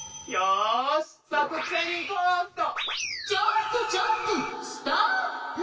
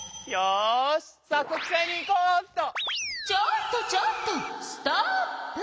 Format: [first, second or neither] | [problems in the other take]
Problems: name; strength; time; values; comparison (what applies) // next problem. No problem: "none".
second | room echo; dies away in 0.1 s